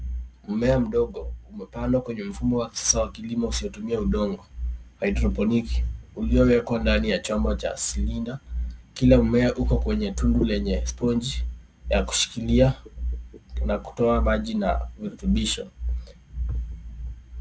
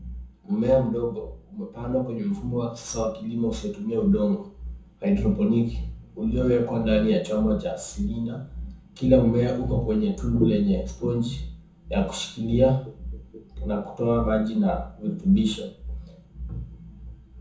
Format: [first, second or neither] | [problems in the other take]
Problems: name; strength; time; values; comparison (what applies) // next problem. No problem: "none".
first | room echo; dies away in 0.6 s